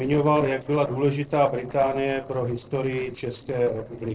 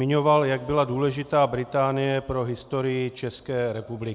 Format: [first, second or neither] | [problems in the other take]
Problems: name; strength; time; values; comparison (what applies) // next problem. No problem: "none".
second | noise reduction (neural separator model SepFormer DNS4)